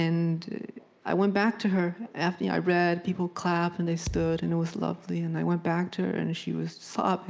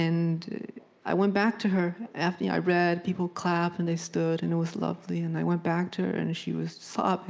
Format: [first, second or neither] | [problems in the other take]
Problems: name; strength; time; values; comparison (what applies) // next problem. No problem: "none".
second | background sound (Thump, thud); 13 dB below the speech